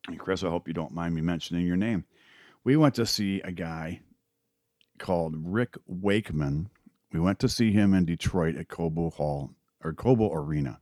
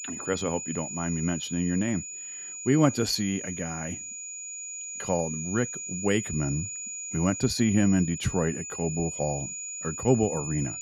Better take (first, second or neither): first